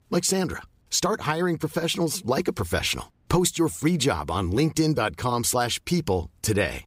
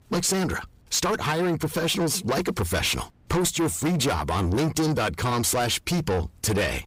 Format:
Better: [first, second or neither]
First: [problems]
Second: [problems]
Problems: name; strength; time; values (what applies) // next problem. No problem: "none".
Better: first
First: none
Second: distortion; heavy; 7 dB below the speech